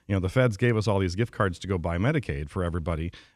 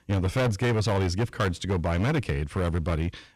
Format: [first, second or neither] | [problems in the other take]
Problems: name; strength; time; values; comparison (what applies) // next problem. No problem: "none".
first | distortion; heavy; 17% of the sound clipped